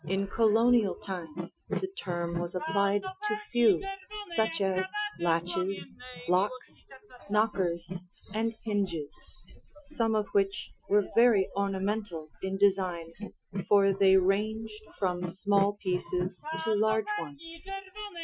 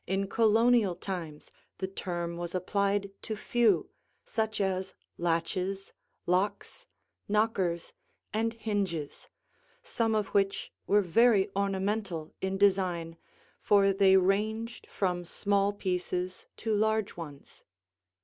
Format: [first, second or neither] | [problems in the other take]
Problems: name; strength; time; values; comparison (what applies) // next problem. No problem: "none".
second | noise reduction (classical method Wiener filter)